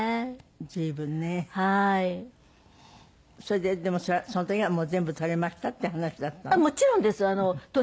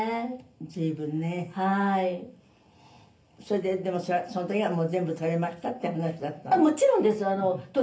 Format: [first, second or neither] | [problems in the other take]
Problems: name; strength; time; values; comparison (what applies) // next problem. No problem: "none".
first | room echo; dies away in 0.3 s